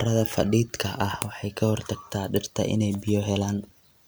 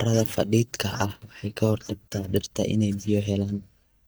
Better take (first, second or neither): first